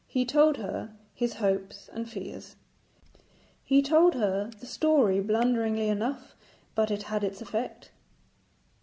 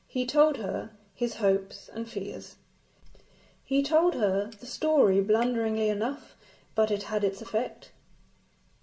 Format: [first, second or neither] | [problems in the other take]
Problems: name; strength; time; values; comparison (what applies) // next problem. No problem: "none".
first | room echo; dies away in 0.2 s